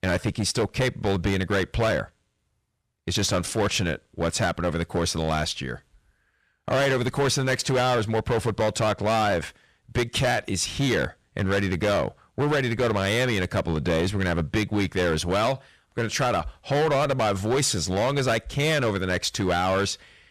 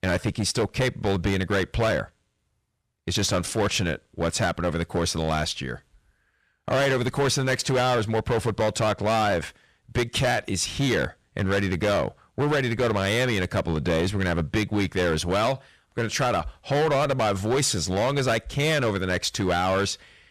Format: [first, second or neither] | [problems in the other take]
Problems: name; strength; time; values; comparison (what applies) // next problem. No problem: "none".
neither | distortion; heavy; 14% of the sound clipped; the same in both